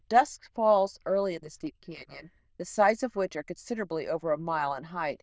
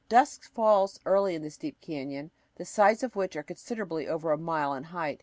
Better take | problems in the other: second | noise reduction (neural diffusion model UNIVERSE++)

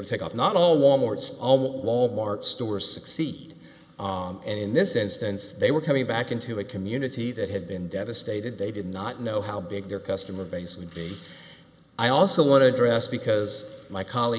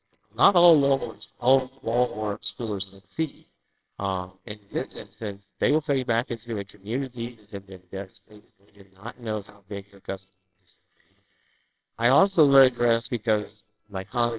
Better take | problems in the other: first | noise reduction (neural separator model SepFormer WHAMR!)

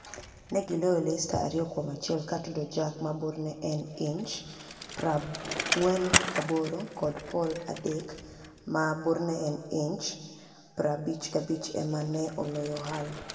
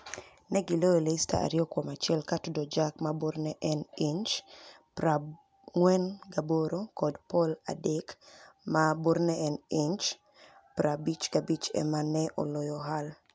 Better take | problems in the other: second | background sound (Bicycle); 7 dB below the speech // room echo; dies away in 1.6 s

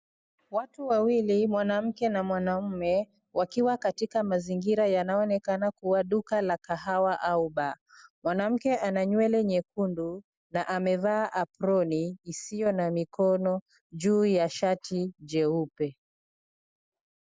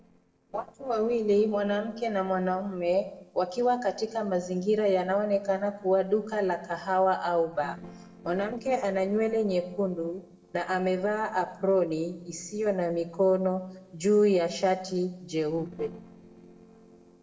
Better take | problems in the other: first | noise reduction (neural separator model SepFormer DNS4)

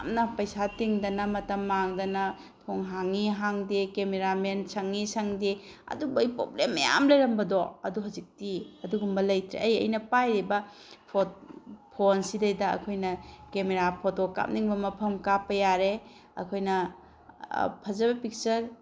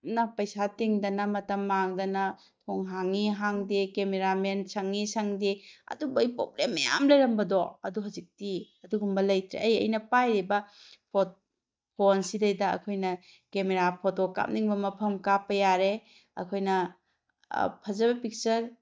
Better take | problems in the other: first | noise reduction (neural mask model DeepFilterNet 3)

